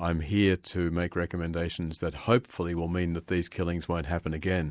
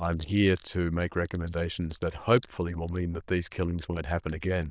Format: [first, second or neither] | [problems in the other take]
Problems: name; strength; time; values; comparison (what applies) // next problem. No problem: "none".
first | noise reduction (neural diffusion model UNIVERSE++)